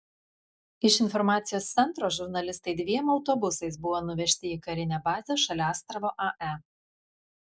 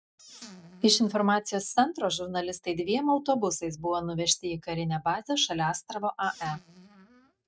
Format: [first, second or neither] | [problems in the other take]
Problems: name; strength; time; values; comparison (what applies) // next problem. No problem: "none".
first | noise reduction (neural mask model RNNoise)